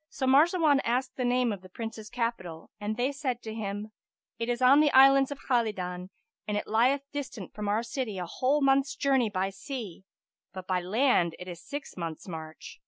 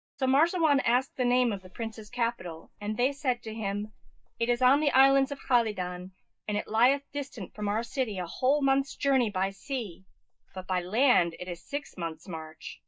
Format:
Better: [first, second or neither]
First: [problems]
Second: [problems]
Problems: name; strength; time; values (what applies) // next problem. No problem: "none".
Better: first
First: none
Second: noise reduction (neural mask model DeepFilterNet 3)